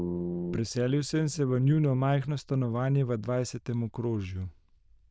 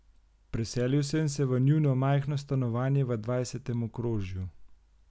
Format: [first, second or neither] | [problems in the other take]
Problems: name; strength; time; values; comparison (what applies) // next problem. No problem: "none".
second | noise reduction (neural diffusion model UNIVERSE++)